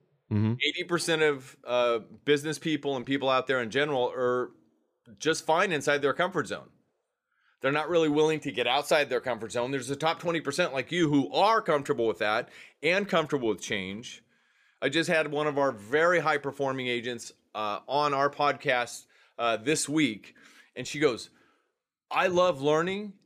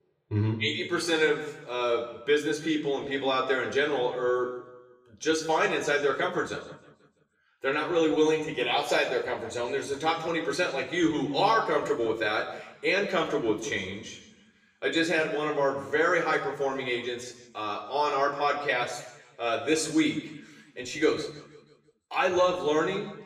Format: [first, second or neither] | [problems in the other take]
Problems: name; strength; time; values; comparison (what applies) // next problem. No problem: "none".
first | room echo; slight; dies away in 0.9 s // off-mic speech; far